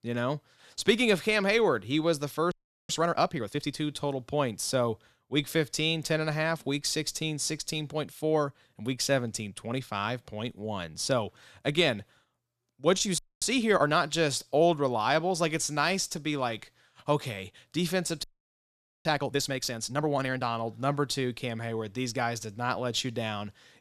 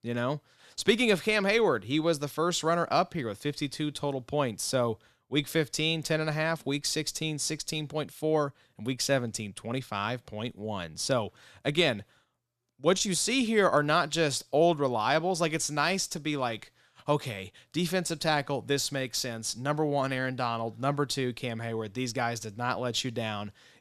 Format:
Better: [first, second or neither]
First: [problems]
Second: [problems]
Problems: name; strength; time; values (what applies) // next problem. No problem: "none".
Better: second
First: audio freezing; at 2.5 s, at 13 s and at 18 s for 1 s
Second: none